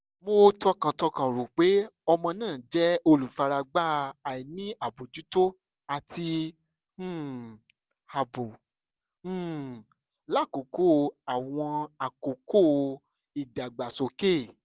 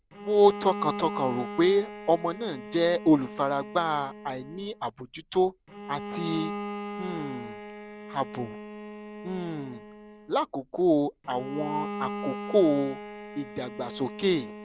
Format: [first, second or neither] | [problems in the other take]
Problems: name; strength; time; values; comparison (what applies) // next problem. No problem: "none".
first | background sound (Bowed string instrument); 11 dB below the speech